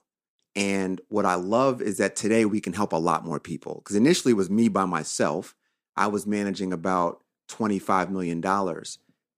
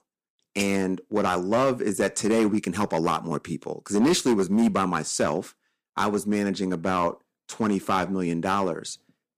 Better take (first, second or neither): first